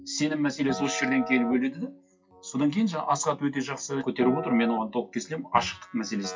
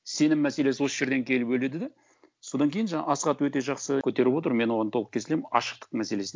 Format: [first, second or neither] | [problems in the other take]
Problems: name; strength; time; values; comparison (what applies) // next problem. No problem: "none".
second | noise reduction (classical method WPE with log-MMSE)